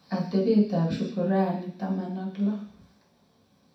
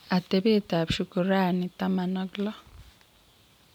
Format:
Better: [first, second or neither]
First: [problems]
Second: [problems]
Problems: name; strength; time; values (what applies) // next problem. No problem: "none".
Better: second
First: room echo; dies away in 0.6 s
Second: none